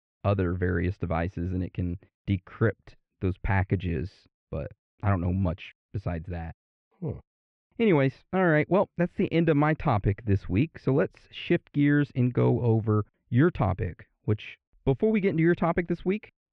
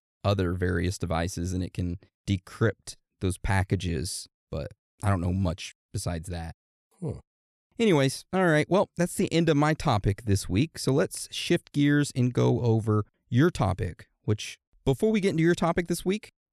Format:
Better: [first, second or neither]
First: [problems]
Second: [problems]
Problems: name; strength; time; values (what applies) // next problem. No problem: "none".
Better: second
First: muffled; very; fading above 2.5 kHz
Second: none